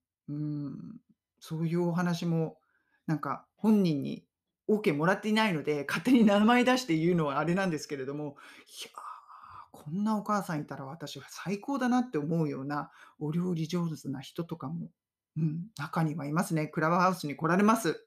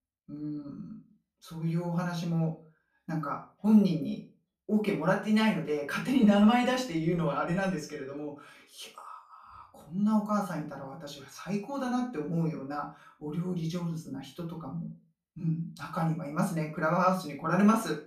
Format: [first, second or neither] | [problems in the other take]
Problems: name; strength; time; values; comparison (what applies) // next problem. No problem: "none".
first | off-mic speech; far // room echo; slight; dies away in 0.3 s